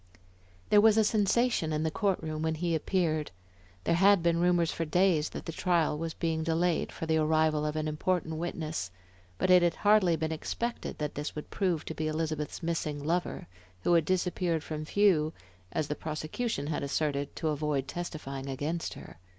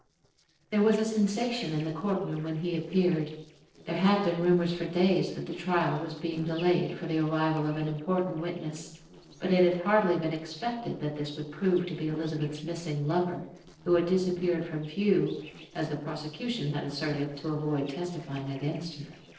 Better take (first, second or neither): first